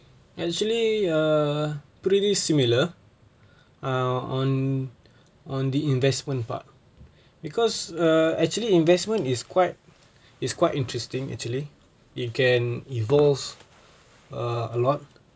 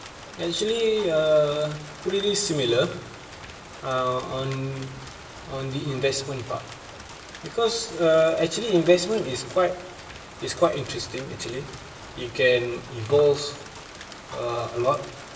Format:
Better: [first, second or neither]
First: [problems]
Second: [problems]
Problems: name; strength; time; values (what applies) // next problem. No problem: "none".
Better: first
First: none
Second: background sound (Rain); 15 dB below the speech // room echo; dies away in 0.8 s